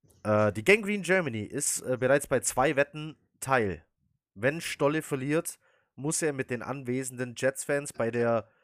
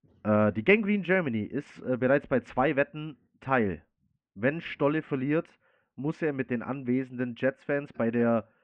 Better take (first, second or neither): first